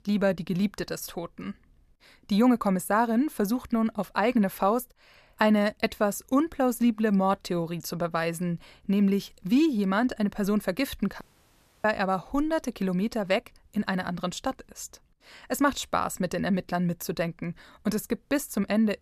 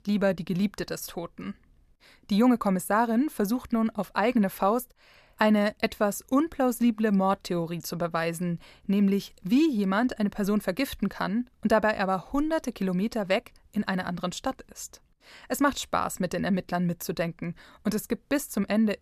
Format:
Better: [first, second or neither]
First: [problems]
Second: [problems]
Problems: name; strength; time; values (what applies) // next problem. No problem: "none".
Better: second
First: audio cutting out; at 11 s for 0.5 s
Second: none